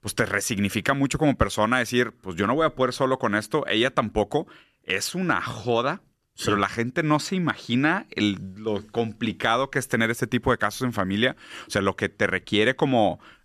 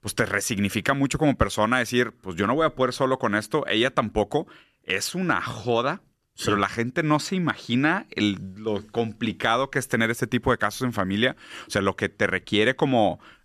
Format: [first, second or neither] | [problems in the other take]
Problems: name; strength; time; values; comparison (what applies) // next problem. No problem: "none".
neither | none